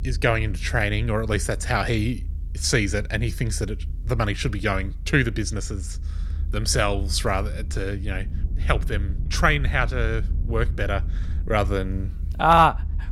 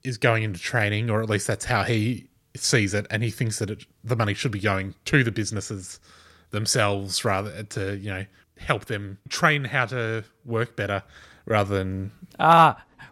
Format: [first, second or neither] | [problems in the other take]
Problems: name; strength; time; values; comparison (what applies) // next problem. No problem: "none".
second | low rumble; faint; throughout; 25 dB below the speech